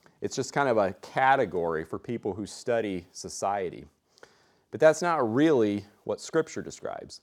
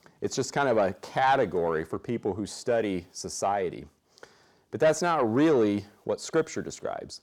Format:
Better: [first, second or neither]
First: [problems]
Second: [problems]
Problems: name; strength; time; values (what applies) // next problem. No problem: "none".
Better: first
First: none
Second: distortion; slight; 10 dB below the speech